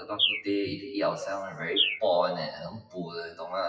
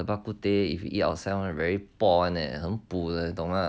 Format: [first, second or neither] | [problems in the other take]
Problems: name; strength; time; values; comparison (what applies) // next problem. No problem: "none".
second | noise reduction (classical method WPE with log-MMSE)